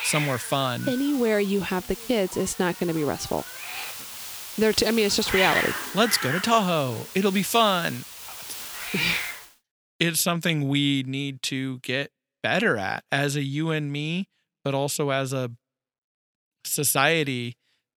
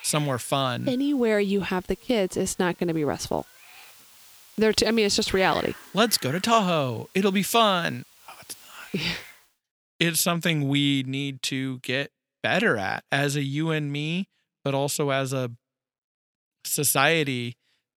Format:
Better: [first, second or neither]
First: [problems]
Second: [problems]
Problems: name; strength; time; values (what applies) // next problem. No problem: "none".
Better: second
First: hiss; loud; until 9.5 s; 7 dB below the speech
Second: hiss; faint; until 9.5 s; 20 dB below the speech